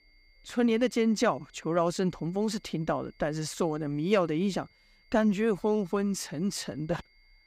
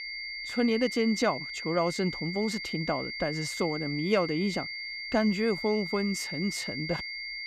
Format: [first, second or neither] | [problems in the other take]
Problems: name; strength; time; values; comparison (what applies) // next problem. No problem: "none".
first | high-pitched whine; loud; throughout; 2 kHz, 5 dB below the speech; faint in the first